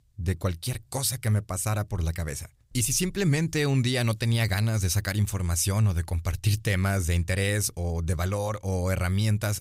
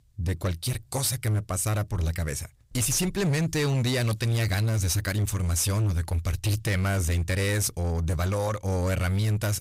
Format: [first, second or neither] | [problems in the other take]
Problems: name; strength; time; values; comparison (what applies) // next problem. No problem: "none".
first | distortion; slight; 21% of the sound clipped